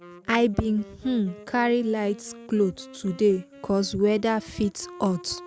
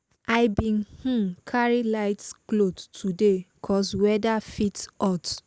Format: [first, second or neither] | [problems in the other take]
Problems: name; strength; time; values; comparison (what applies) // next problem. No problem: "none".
second | background sound (Wind instrument, woodwind instrument); 20 dB below the speech